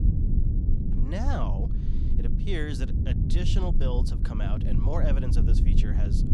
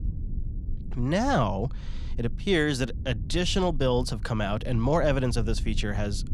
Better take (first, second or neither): second